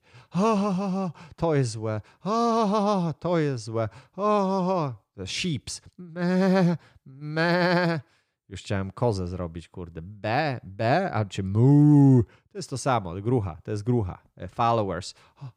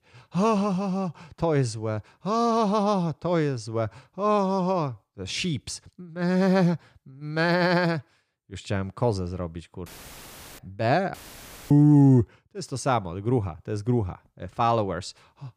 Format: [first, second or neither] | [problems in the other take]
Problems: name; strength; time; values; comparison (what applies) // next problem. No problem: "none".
first | audio cutting out; filled with static; at 10 s for 0.5 s and at 11 s for 0.5 s